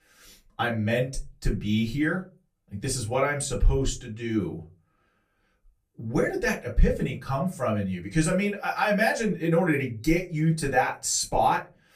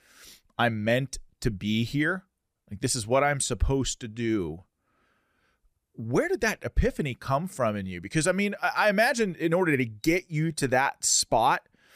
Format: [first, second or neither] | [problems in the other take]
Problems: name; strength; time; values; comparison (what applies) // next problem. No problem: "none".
second | off-mic speech; far // room echo; very slight; dies away in 0.2 s